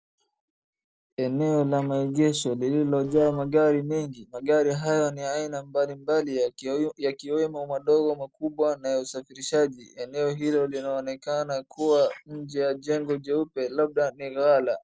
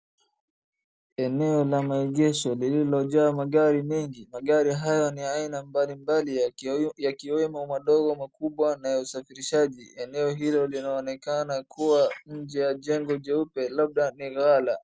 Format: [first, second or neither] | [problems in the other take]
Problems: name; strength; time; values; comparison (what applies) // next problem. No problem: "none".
second | noise reduction (neural separator model SepFormer DNS4)